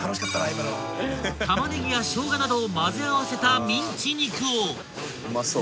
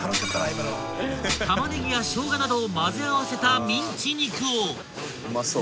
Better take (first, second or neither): first